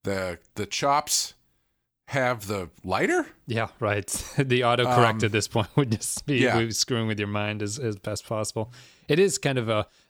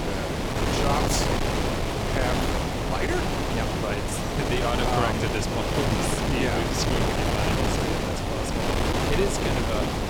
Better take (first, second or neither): first